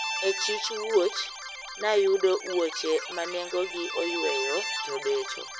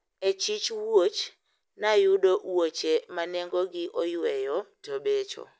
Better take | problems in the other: second | background sound (Bowed string instrument + Keyboard (musical)); 6 dB below the speech

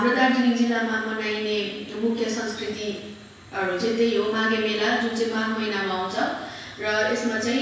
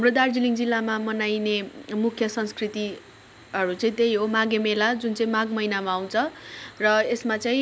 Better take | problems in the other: second | room echo; dies away in 1.1 s

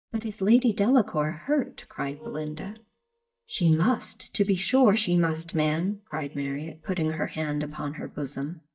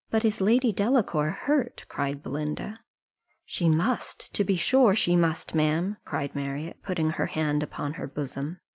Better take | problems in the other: second | noise reduction (neural mask model DeepFilterNet 3)

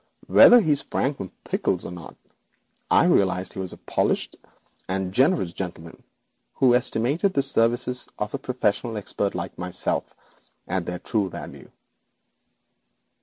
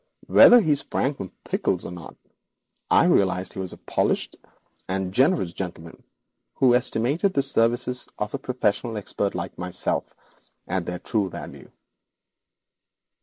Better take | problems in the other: first | noise reduction (neural mask model Resemble Enhance denoiser)

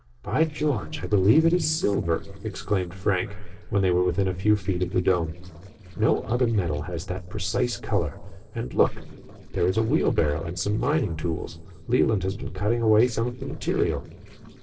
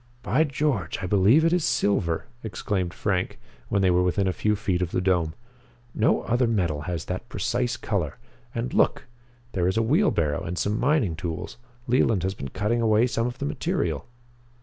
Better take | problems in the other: second | noise reduction (neural separator model SepFormer DNS4)

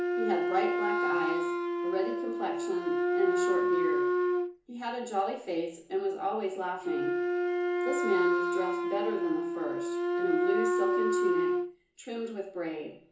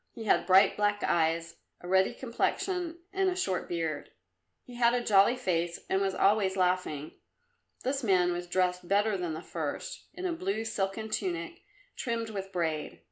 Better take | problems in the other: second | background sound (Wind instrument, woodwind instrument); 4 dB above the speech // room echo; dies away in 0.7 s

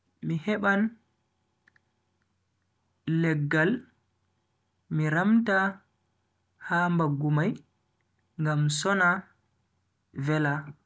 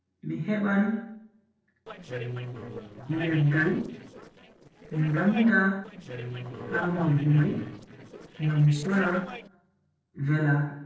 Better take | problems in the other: first | noise reduction (neural separator model SepFormer DNS4)

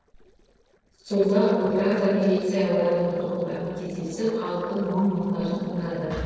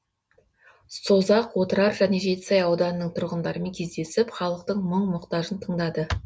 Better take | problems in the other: second | noise reduction (neural separator model SepFormer DNS4)

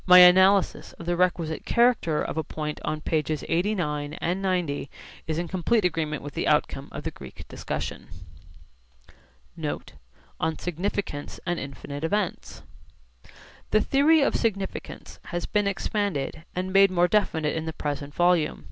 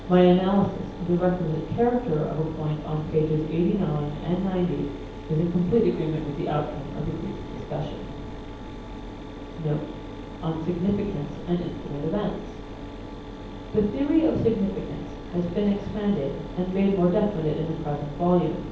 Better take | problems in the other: first | background sound (Mechanisms); 11 dB below the speech // room echo; dies away in 0.9 s

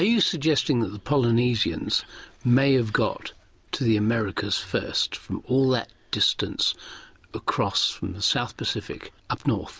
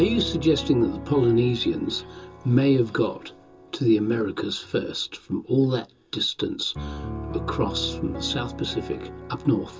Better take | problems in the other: first | background sound (Piano); 12 dB below the speech // room echo; dies away in 0.2 s

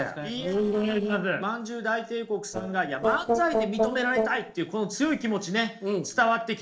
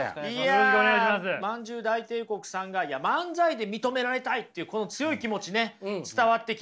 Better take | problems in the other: second | noise reduction (neural separator model SepFormer DNS4)

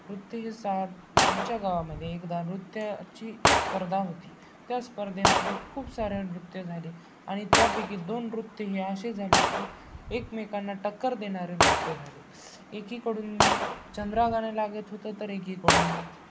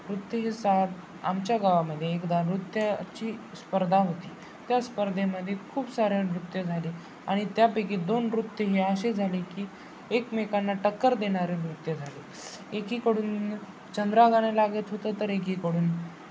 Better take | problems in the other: second | background sound (Gunshot, gunfire); 3 dB above the speech

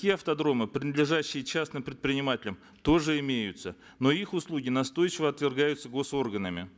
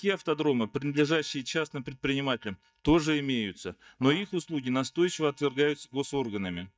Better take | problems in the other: first | noise reduction (neural mask model DeepFilterNet 3)

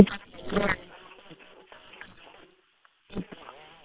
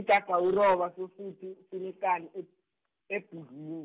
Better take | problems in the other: second | noise reduction (neural separator model SepFormer WHAM!)

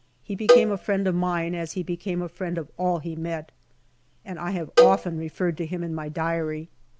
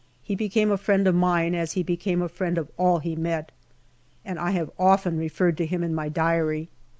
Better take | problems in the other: second | background sound (Cowbell); 3 dB above the speech

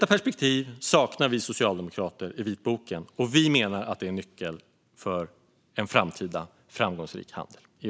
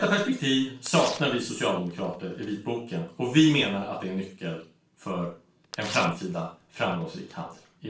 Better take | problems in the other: first | background sound (Tearing); 16 dB below the speech // room echo; dies away in 0.3 s

